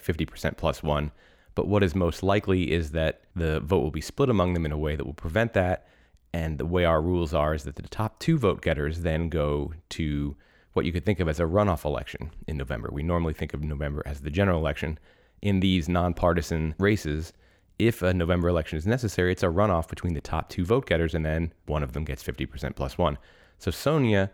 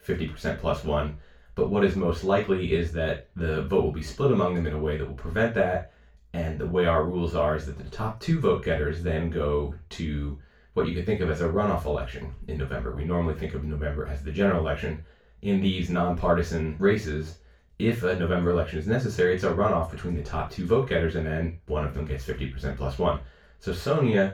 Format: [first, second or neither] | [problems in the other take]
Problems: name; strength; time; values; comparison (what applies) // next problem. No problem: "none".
first | room echo; slight; dies away in 0.2 s // off-mic speech; far